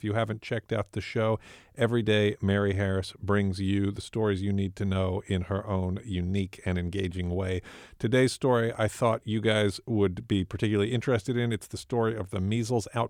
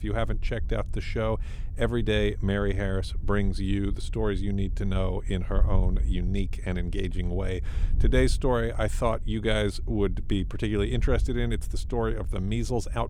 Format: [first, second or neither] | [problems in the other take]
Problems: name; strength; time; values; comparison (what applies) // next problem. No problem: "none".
first | wind noise on the microphone; occasional gusts; 20 dB below the speech